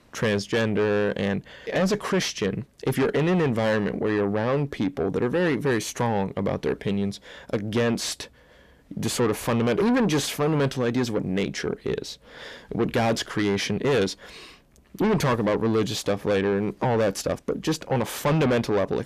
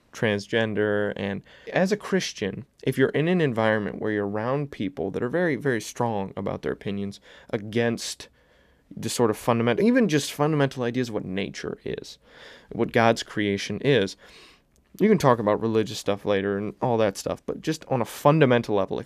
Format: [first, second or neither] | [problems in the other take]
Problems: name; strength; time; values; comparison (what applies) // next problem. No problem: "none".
second | distortion; heavy; 6 dB below the speech